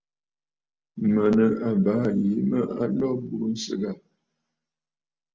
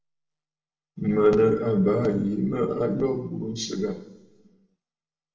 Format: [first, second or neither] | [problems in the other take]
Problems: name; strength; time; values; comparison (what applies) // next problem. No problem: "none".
first | room echo; dies away in 0.7 s